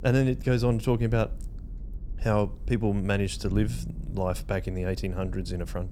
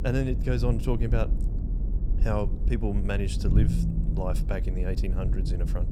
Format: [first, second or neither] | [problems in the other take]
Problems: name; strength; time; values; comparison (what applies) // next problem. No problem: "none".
first | low rumble; loud; throughout; 8 dB below the speech; faint in the first